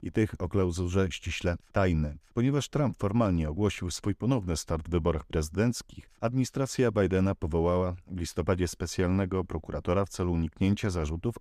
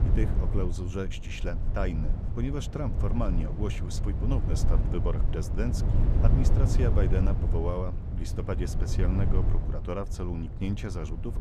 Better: first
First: none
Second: low rumble; loud; throughout; 5 dB below the speech

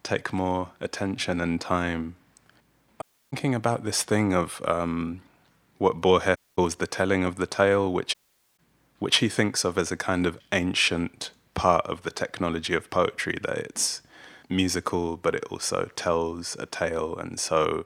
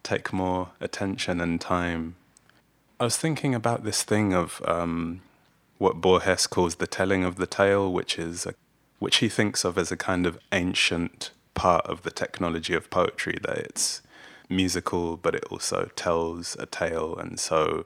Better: second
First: audio cutting out; at 3 s, at 6.5 s and at 8 s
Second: none

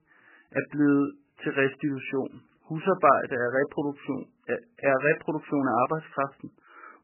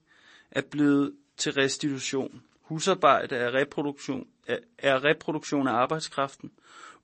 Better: second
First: garbled, watery; badly; nothing above 3 kHz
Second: garbled, watery; slightly; nothing above 8 kHz

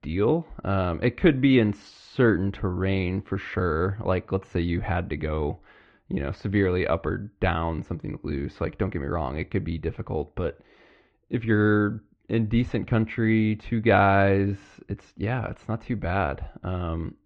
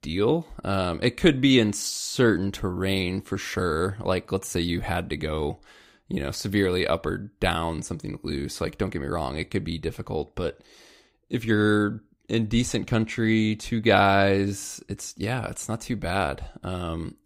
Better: second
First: muffled; very; fading above 2.5 kHz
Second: none

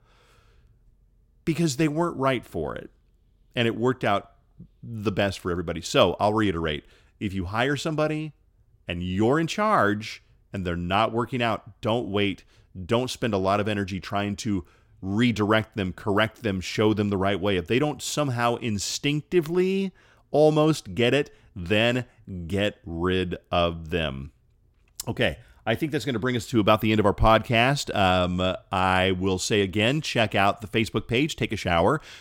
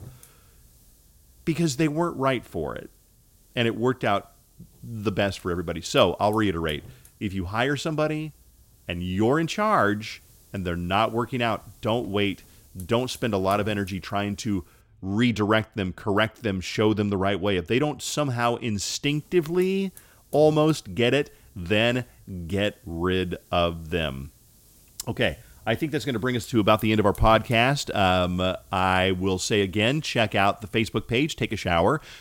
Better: first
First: none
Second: hiss; faint; until 15 s and from 19 s on; 25 dB below the speech

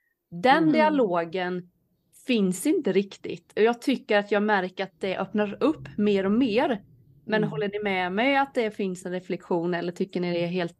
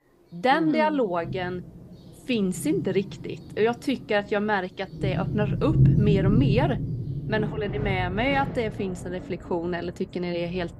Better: first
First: rain or running water; faint; throughout; 30 dB below the speech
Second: rain or running water; loud; throughout; as loud as the speech

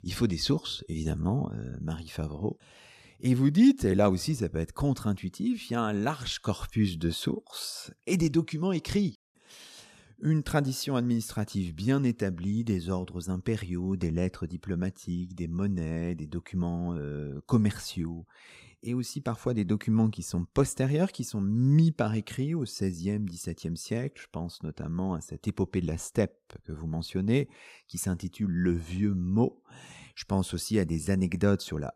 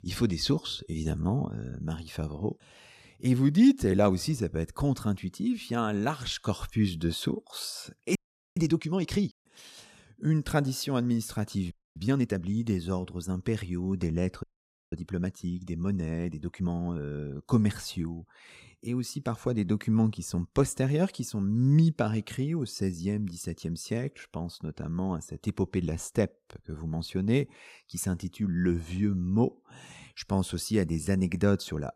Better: first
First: none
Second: audio freezing; at 8 s, at 12 s and at 14 s

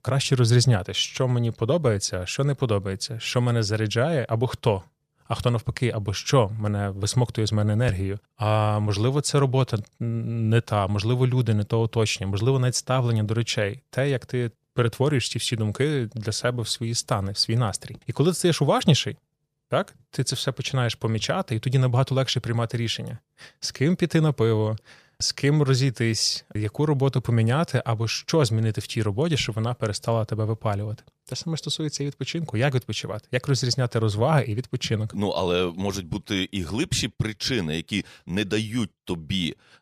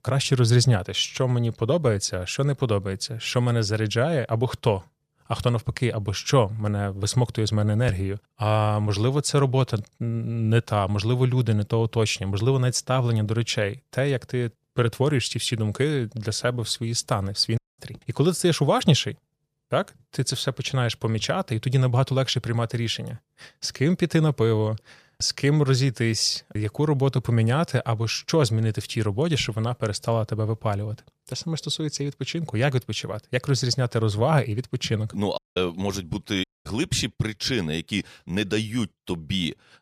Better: first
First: none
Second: audio cutting out; at 18 s, at 35 s and at 36 s

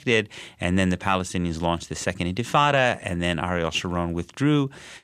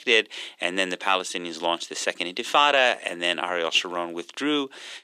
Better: first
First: none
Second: thin; somewhat; fading below 300 Hz

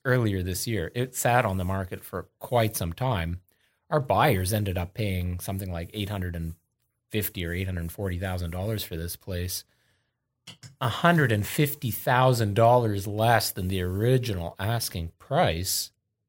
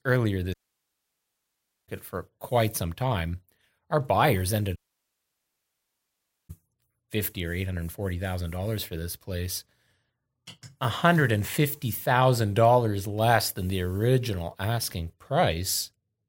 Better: first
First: none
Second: audio cutting out; at 0.5 s for 1.5 s and at 5 s for 1.5 s

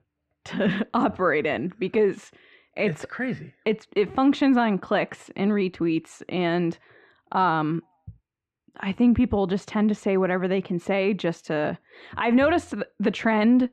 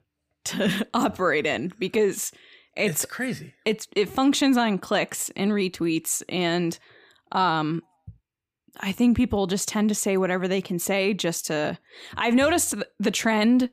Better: second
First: muffled; very; fading above 2 kHz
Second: none

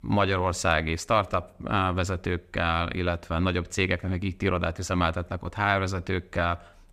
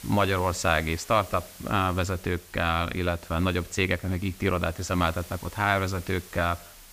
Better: first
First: none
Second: hiss; noticeable; throughout; 20 dB below the speech

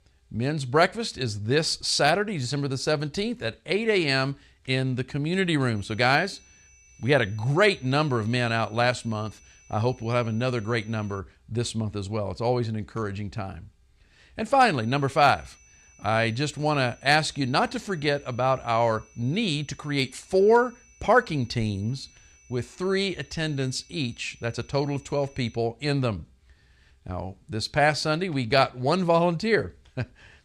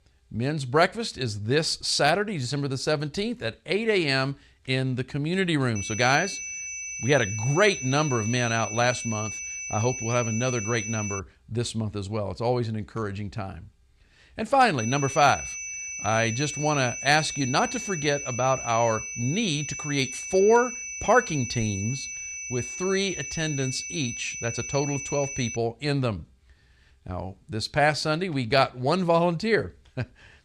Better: first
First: high-pitched whine; faint; from 6 to 11 s and from 15 to 26 s; 6 kHz, 30 dB below the speech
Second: high-pitched whine; loud; from 6 to 11 s and from 15 to 26 s; 6 kHz, 7 dB below the speech

